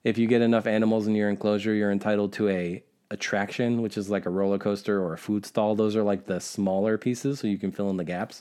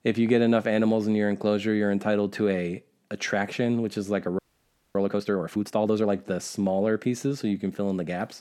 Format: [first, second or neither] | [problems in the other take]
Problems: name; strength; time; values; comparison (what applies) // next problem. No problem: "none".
first | audio freezing; at 4.5 s for 0.5 s